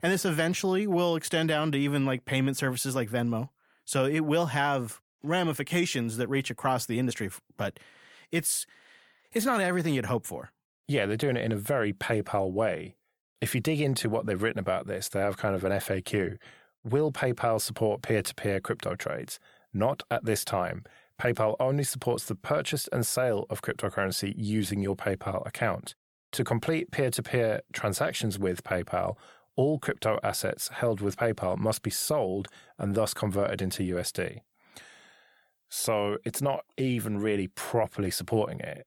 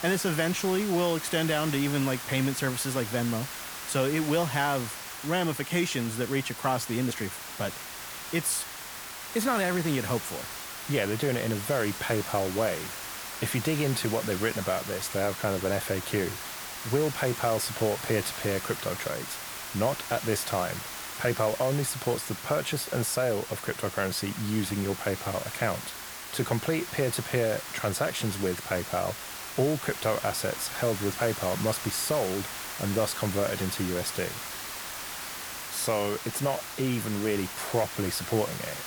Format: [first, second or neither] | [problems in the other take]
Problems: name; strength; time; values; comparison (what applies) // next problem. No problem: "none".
first | hiss; loud; throughout; 7 dB below the speech